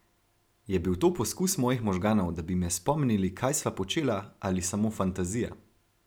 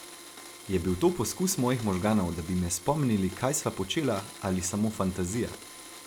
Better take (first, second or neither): first